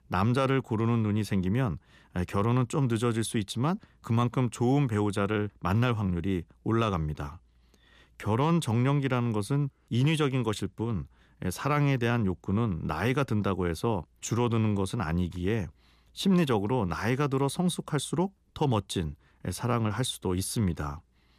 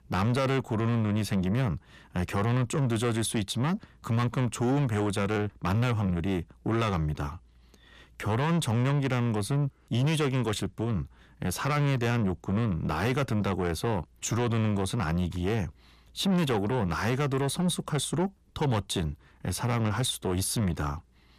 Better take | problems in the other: first | distortion; slight; 10 dB below the speech

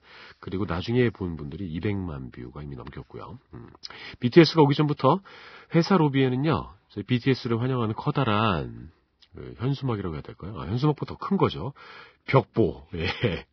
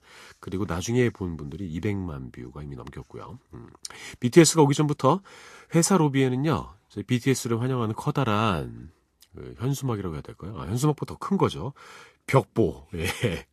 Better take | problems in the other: second | garbled, watery; badly; nothing above 5.5 kHz; slightly in the second

